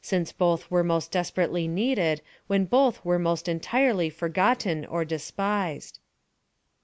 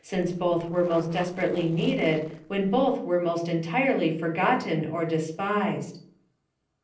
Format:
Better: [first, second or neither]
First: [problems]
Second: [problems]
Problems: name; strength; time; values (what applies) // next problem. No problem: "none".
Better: first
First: none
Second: noise reduction (neural separator model SepFormer DNS4)